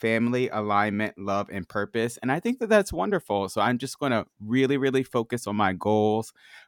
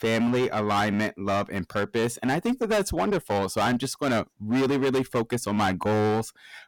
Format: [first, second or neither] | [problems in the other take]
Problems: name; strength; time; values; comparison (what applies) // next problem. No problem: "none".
first | distortion; heavy; 17% of the sound clipped